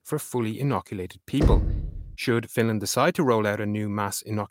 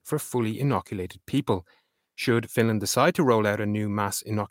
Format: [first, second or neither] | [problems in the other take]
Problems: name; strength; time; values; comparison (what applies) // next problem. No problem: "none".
second | door banging; loud; at 1.5 s; peak 3 dB above the speech